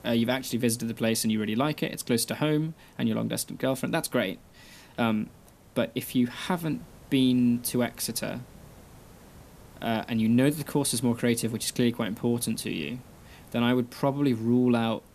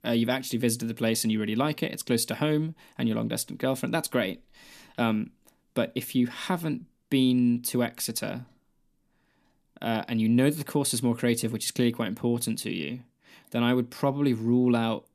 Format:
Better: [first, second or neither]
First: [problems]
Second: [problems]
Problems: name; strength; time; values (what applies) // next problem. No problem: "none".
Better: second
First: hiss; faint; throughout; 25 dB below the speech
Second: none